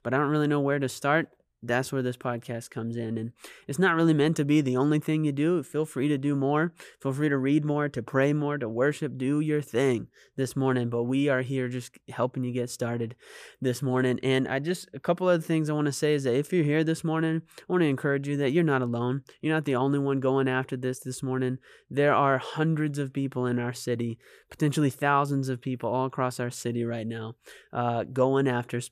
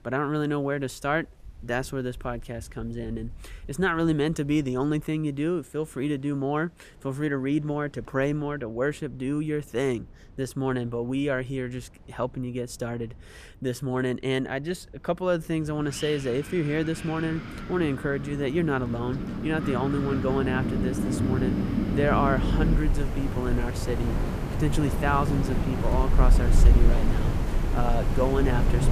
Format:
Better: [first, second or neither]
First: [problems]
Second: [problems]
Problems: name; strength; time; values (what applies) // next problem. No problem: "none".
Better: first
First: none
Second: wind in the background; very loud; throughout; 1 dB above the speech